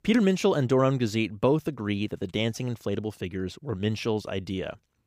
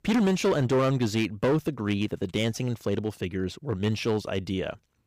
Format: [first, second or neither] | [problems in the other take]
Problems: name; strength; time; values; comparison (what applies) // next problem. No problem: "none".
first | distortion; slight; 8% of the sound clipped